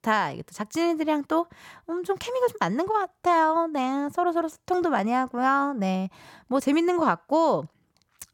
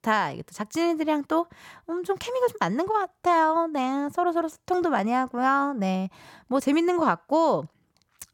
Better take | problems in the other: neither | none

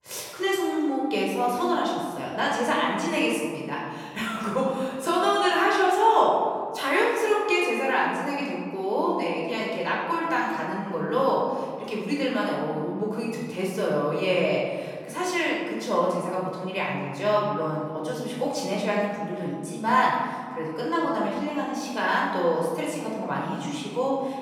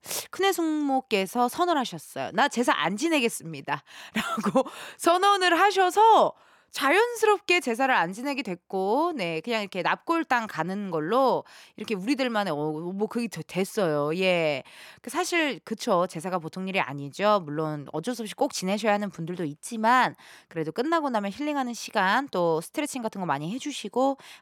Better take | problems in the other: second | room echo; noticeable; dies away in 1.8 s // off-mic speech; far

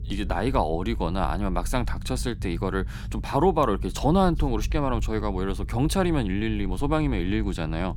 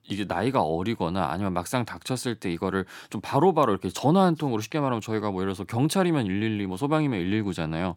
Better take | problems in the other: second | low rumble; faint; throughout; 25 dB below the speech

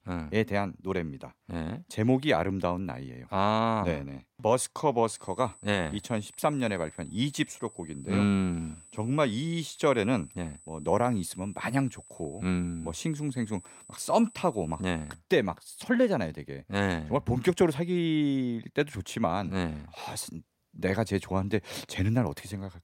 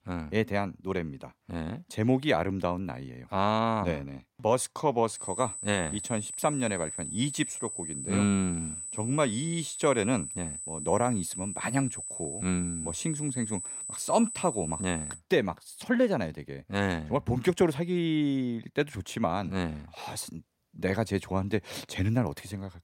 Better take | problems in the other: first | high-pitched whine; loud; from 5 to 15 s; 8 kHz, 6 dB below the speech; faint in the first

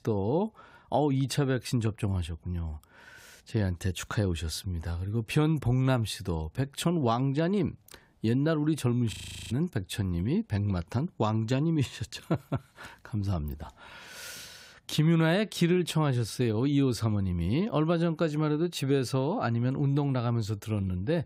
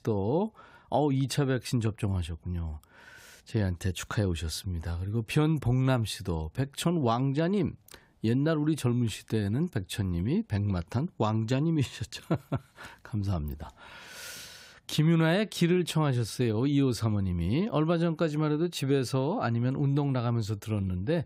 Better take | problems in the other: second | audio freezing; at 9 s

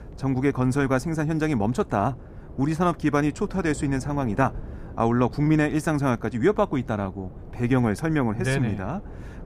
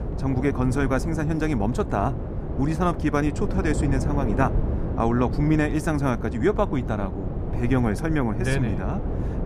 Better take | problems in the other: first | wind noise on the microphone; heavy; 9 dB below the speech; occasional gusts in the first

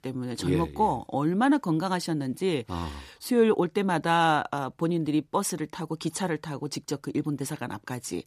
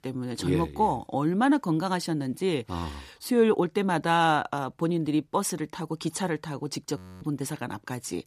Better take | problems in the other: first | audio freezing; at 7 s

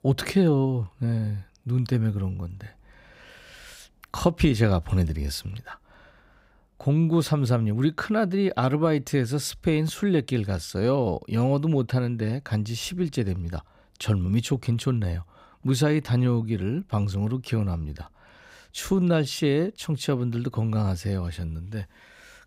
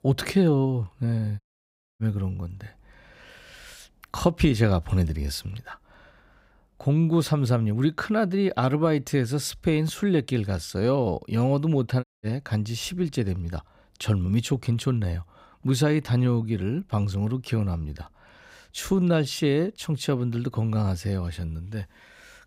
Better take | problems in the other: first | audio cutting out; at 1.5 s for 0.5 s and at 12 s

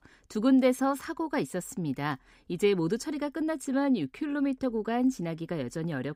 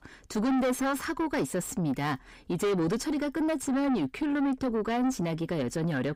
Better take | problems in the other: first | distortion; heavy; 5 dB below the speech

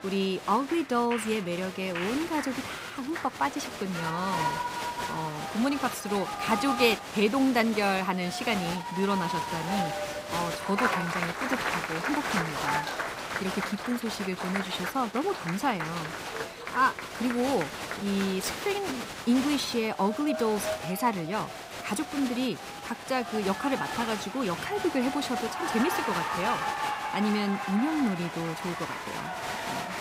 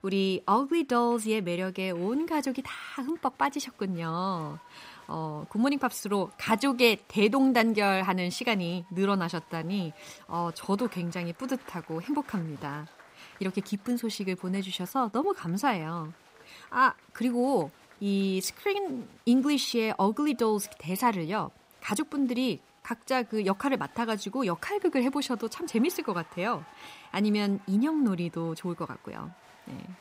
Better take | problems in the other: second | crowd noise; loud; throughout; 4 dB below the speech; faint in the second

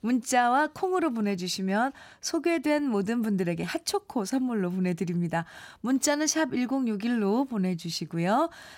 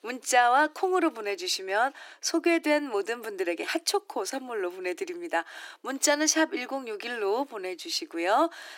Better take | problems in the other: first | thin; very; fading below 300 Hz

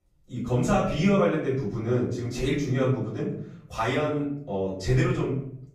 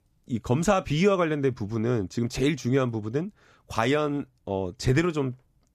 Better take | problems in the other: second | off-mic speech; far // room echo; noticeable; dies away in 0.6 s

